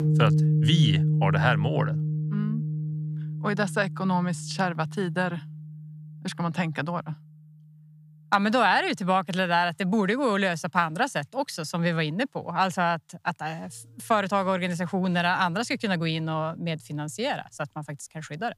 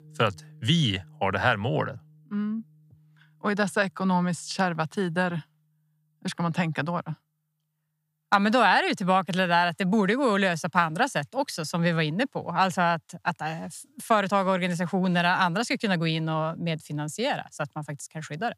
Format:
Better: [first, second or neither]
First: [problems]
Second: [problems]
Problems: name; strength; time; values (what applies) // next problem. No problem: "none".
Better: second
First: background music; loud; throughout; 1 dB below the speech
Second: background music; faint; throughout; 30 dB below the speech